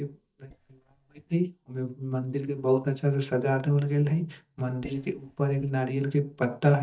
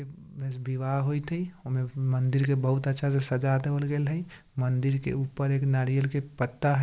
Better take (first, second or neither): second